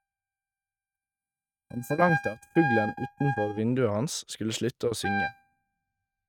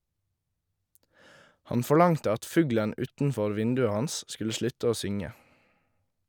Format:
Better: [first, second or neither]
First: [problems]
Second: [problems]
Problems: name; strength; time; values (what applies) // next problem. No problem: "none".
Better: second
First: noise reduction (neural mask model RNNoise)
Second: none